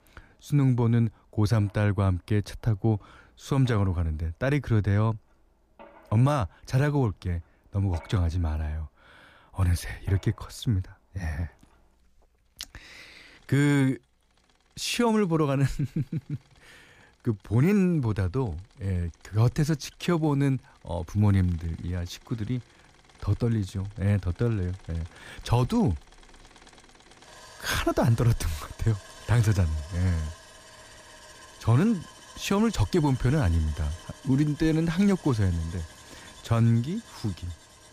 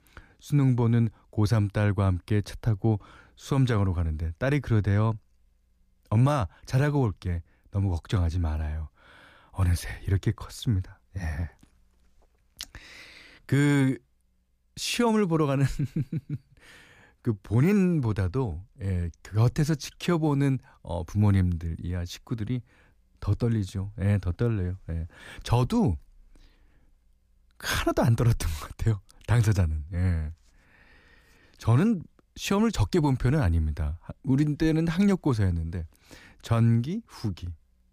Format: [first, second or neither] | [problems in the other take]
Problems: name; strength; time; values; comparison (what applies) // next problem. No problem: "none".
second | machinery noise; faint; throughout; 20 dB below the speech